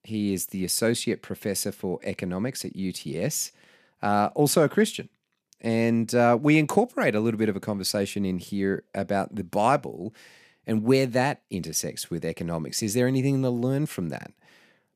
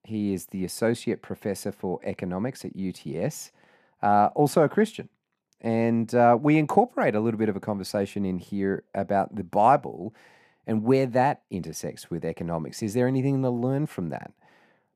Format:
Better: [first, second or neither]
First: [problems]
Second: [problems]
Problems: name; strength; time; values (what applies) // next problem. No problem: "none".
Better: first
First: none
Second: muffled; slightly; fading above 2.5 kHz